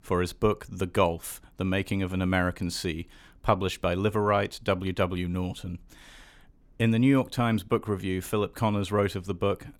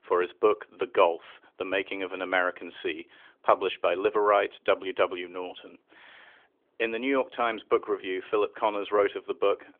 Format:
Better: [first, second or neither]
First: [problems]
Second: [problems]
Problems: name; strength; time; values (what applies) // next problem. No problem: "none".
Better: first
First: none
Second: phone-call audio; nothing above 3.5 kHz